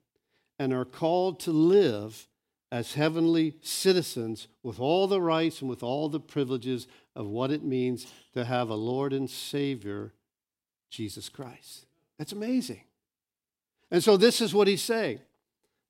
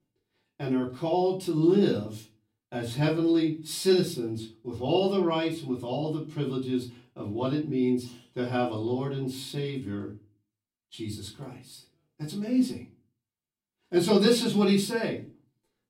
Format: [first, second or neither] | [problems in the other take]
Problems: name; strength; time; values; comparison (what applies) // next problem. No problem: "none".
first | off-mic speech; far // room echo; very slight; dies away in 0.3 s